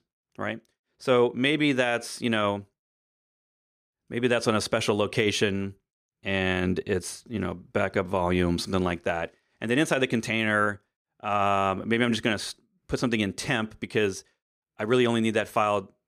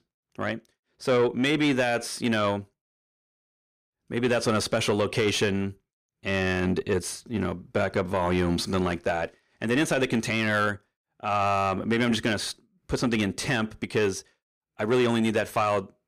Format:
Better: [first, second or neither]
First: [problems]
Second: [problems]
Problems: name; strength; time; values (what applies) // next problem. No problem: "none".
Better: first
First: none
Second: distortion; slight; 10 dB below the speech